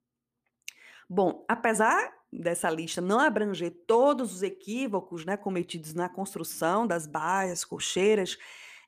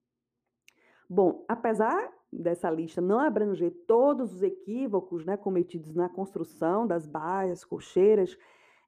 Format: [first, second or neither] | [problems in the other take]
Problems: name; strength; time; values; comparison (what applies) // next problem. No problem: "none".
first | muffled; very; fading above 1.5 kHz